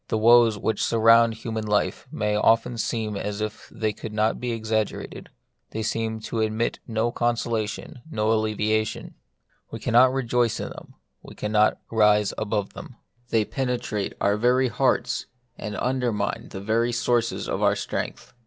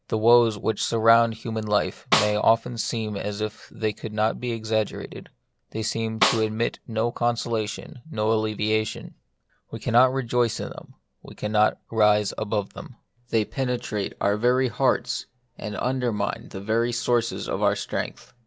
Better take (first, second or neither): first